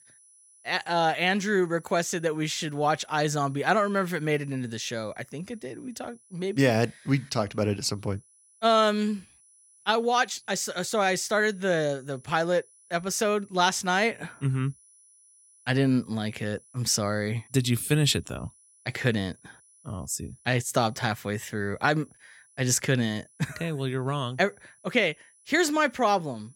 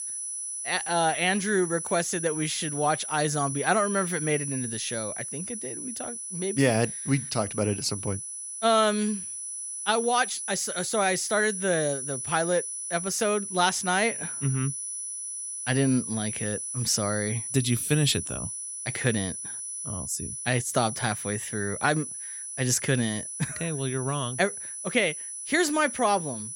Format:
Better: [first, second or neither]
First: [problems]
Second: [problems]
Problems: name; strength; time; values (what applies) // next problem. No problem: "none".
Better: first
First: high-pitched whine; faint; throughout; 10 kHz, 30 dB below the speech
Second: high-pitched whine; loud; throughout; 10 kHz, 5 dB below the speech